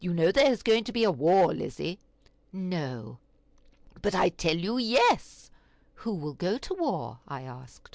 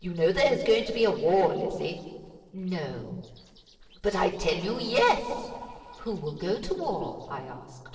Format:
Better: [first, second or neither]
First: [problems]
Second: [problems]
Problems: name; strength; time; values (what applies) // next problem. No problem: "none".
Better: first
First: none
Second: noise reduction (neural separator model SepFormer DNS4)